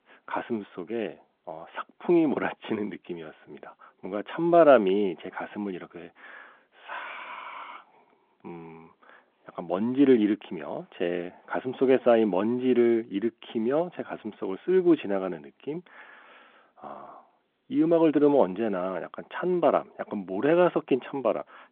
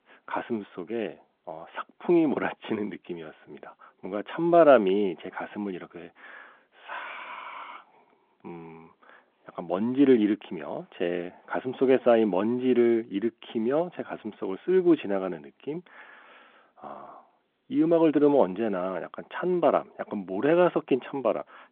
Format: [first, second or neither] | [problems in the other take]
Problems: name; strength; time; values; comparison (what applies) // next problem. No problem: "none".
neither | phone-call audio; the same in both